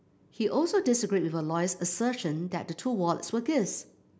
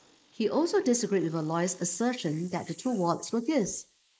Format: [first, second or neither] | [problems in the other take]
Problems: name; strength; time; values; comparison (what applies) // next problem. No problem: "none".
first | noise reduction (neural mask model Resemble Enhance denoiser)